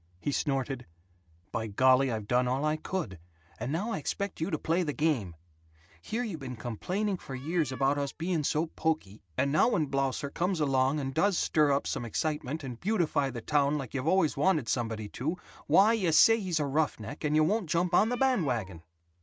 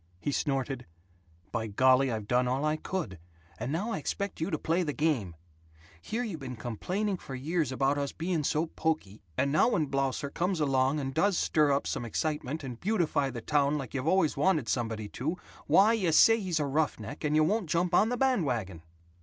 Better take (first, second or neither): second